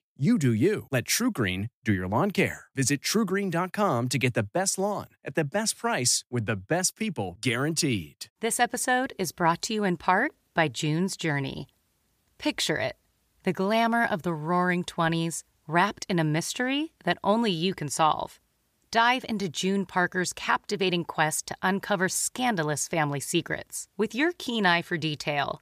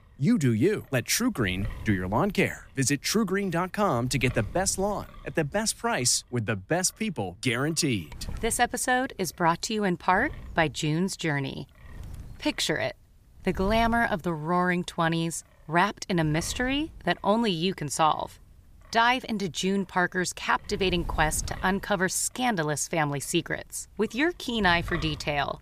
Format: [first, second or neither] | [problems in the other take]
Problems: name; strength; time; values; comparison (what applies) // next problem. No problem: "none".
first | wind noise on the microphone; occasional gusts; 25 dB below the speech